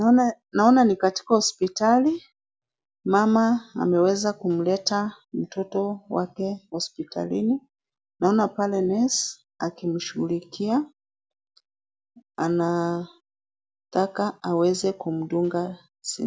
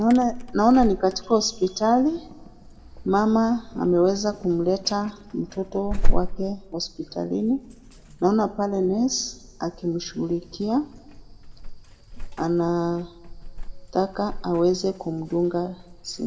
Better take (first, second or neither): first